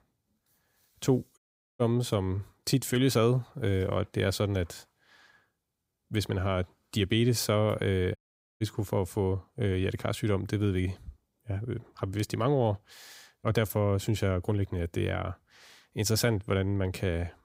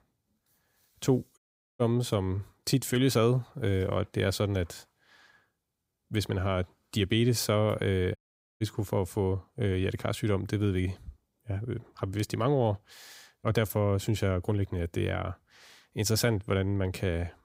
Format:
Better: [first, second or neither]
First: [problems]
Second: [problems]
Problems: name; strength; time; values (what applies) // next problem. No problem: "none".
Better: neither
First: audio cutting out; at 1.5 s and at 8 s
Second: audio cutting out; at 1.5 s and at 8 s